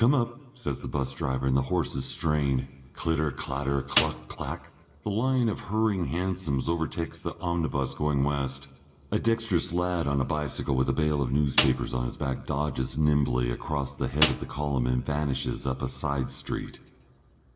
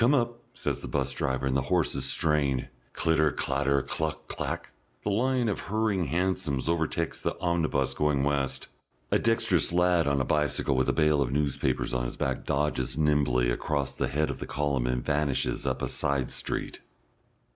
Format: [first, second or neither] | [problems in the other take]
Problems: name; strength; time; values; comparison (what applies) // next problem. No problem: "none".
second | background sound (Snare drum); 6 dB below the speech // room echo; dies away in 2.4 s